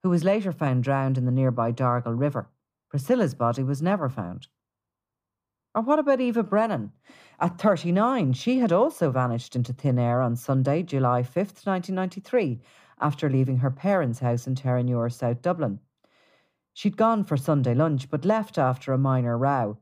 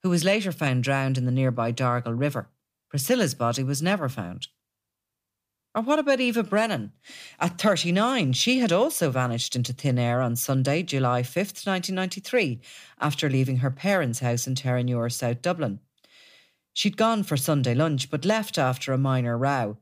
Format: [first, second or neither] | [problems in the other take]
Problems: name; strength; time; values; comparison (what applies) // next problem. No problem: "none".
second | muffled; very; fading above 2 kHz